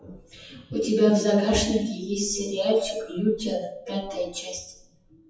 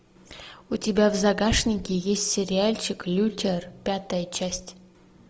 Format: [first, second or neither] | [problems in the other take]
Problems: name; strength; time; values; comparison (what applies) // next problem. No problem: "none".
second | noise reduction (classical method WPE with log-MMSE)